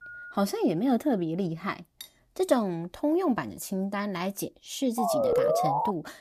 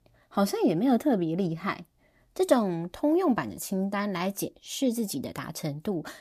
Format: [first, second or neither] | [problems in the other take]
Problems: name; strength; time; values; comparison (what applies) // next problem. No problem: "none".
second | phone ringing; faint; at the start; peak 15 dB below the speech // clattering dishes; faint; at 2 s; peak 15 dB below the speech // siren; loud; at 5 s; peak 5 dB above the speech